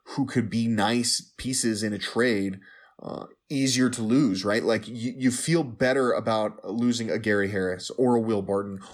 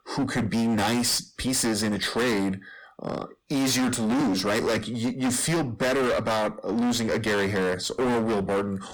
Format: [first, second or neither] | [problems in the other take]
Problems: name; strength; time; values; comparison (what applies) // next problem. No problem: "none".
first | distortion; heavy; 31% of the sound clipped